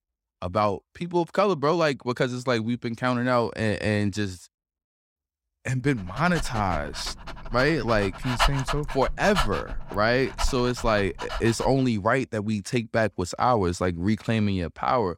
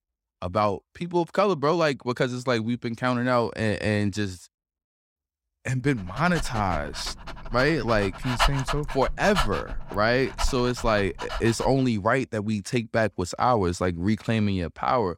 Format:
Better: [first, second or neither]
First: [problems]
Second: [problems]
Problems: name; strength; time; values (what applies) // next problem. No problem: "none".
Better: neither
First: dog barking; loud; from 6 to 12 s; peak level with the speech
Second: dog barking; loud; from 6 to 12 s; peak level with the speech